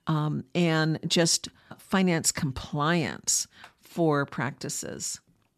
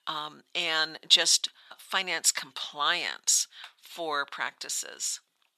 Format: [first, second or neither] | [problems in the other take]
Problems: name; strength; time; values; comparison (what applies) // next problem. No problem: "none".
first | thin; very; fading below 900 Hz